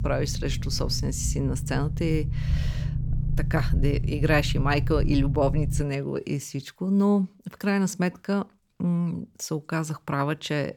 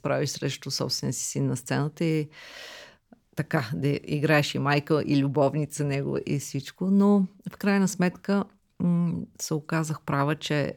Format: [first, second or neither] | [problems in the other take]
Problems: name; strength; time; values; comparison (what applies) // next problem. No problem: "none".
second | low rumble; noticeable; until 6 s; 10 dB below the speech